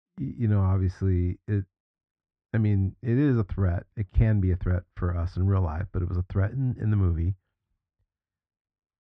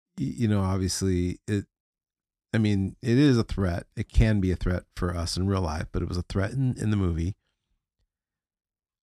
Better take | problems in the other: second | muffled; very; fading above 1.5 kHz

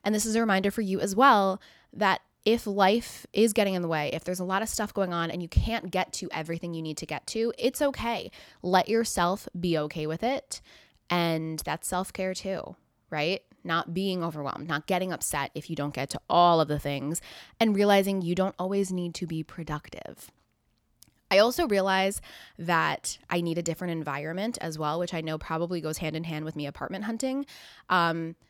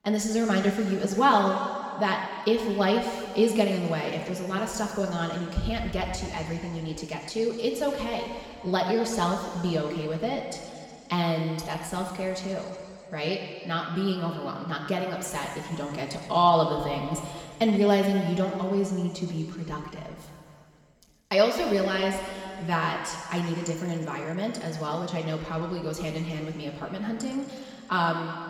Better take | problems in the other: first | room echo; noticeable; dies away in 2.5 s // off-mic speech; far

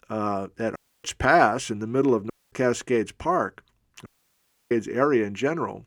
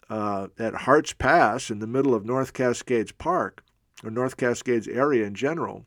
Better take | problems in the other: second | audio cutting out; at 1 s, at 2.5 s and at 4 s for 0.5 s

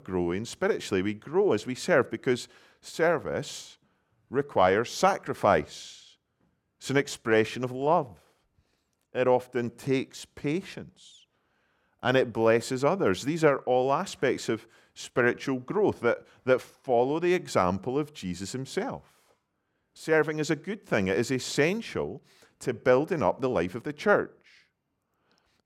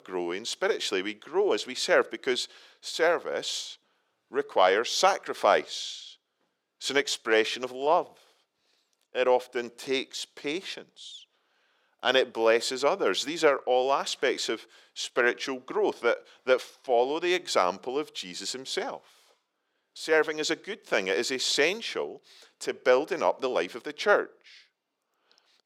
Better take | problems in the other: first | thin; somewhat; fading below 450 Hz

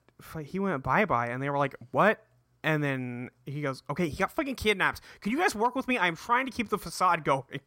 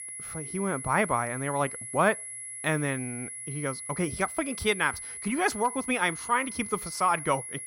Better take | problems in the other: first | high-pitched whine; loud; throughout; 10.5 kHz, 8 dB below the speech

